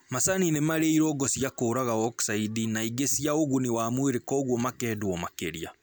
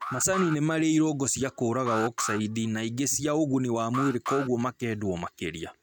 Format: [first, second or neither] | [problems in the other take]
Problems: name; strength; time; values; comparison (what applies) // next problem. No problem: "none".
first | noise reduction (neural mask model RNNoise)